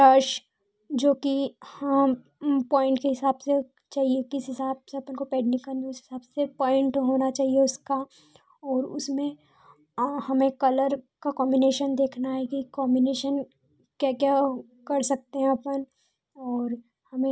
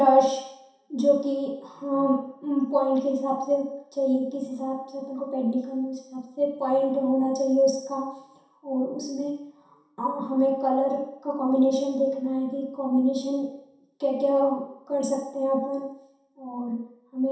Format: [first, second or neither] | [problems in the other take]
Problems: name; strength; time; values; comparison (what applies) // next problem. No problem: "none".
first | room echo; dies away in 0.7 s